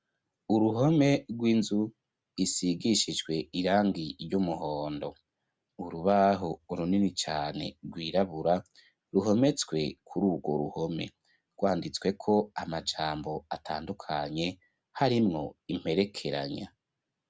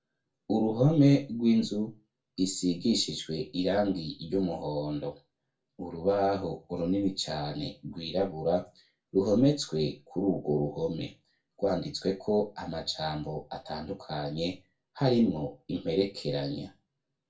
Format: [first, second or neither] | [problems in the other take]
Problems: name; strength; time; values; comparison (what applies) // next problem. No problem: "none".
first | room echo; dies away in 0.2 s